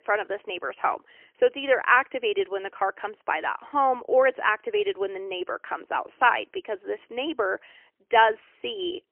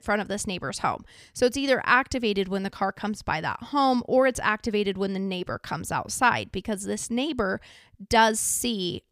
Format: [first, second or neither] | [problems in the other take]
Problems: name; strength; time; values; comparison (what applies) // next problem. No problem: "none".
second | phone-call audio; poor line; nothing above 3 kHz